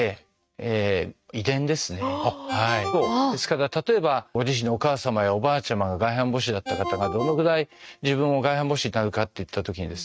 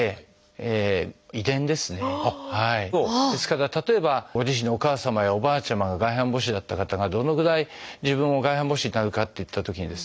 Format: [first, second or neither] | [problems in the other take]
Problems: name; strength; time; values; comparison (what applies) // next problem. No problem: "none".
second | noise reduction (neural mask model RNNoise)